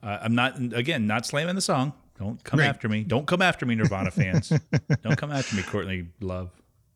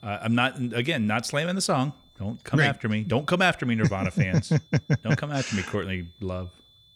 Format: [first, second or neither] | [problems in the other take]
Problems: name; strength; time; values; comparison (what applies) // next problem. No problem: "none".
first | high-pitched whine; faint; throughout; 3.5 kHz, 30 dB below the speech